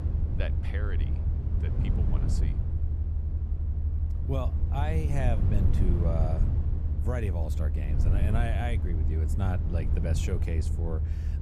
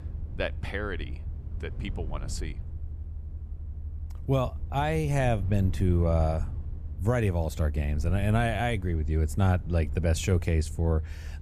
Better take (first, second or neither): second